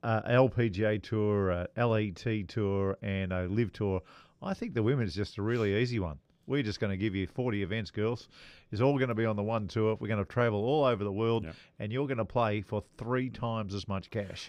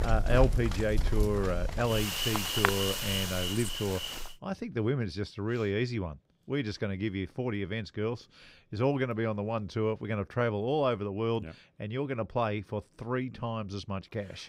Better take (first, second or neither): first